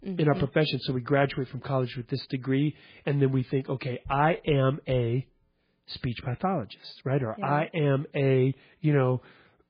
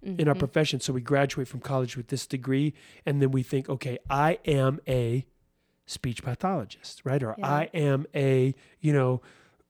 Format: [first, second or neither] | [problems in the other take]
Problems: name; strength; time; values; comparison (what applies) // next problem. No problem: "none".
second | garbled, watery; badly; nothing above 4.5 kHz